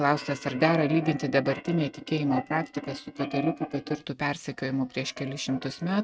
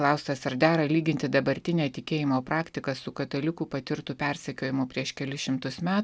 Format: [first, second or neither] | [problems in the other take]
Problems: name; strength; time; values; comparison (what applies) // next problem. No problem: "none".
second | noise reduction (neural mask model RNNoise)